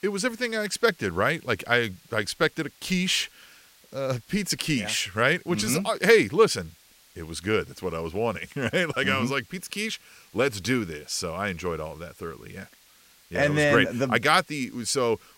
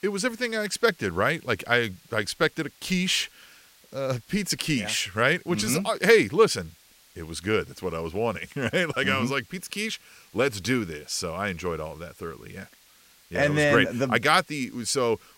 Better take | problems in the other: neither | hiss; faint; throughout; 30 dB below the speech; the same in both

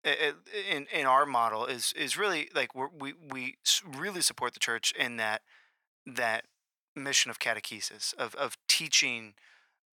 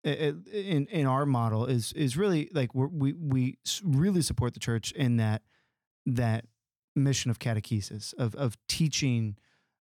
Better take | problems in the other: second | thin; very; fading below 850 Hz

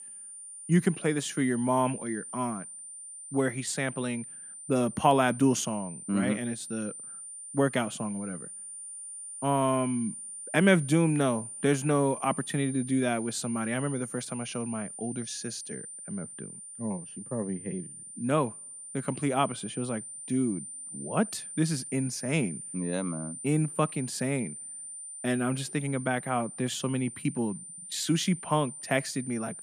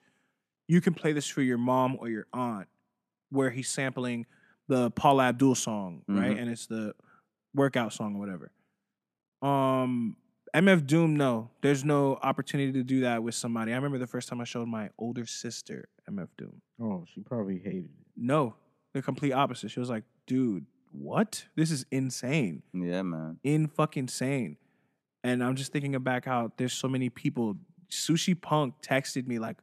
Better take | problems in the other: second | high-pitched whine; loud; throughout; 9 kHz, 10 dB below the speech

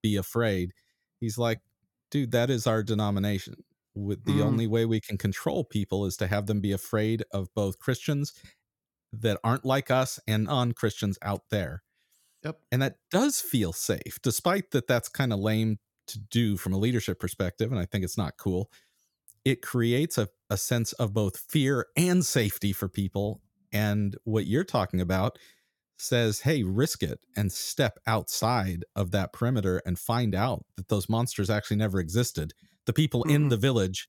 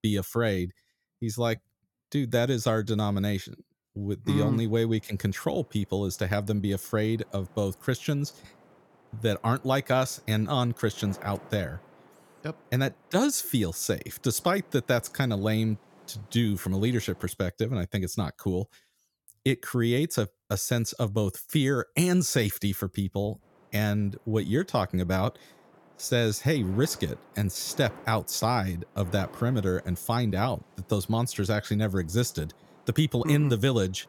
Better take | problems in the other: first | wind noise on the microphone; occasional gusts; from 4.5 to 17 s and from 23 s on; 25 dB below the speech

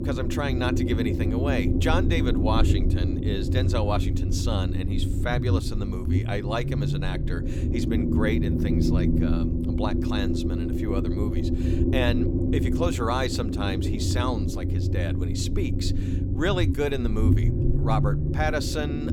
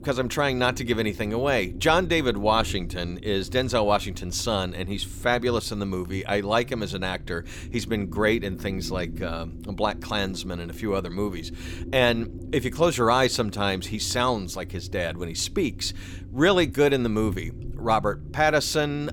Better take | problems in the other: second | low rumble; loud; throughout; 3 dB below the speech; faint in the second

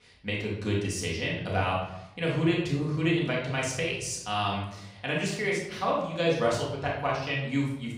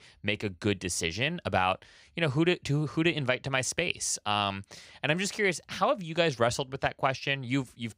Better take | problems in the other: second | off-mic speech; far // room echo; noticeable; dies away in 0.9 s

